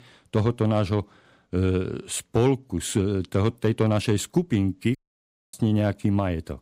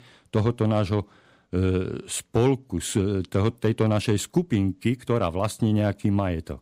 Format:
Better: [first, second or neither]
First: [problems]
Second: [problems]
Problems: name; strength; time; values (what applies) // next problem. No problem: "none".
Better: second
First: audio cutting out; at 5 s for 0.5 s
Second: none